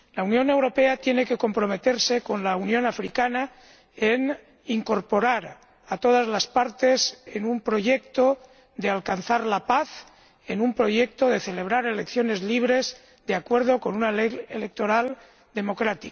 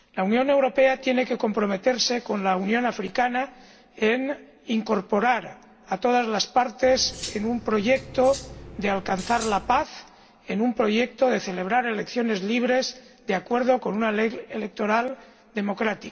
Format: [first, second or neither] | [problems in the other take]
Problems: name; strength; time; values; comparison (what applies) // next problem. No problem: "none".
first | background sound (Cutlery, silverware); 14 dB below the speech // room echo; dies away in 0.8 s